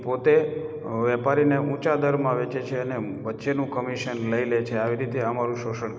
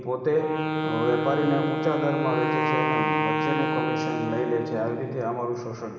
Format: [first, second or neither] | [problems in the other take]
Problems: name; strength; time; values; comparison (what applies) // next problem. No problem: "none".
first | background sound (Wind instrument, woodwind instrument); as loud as the speech // room echo; dies away in 1.6 s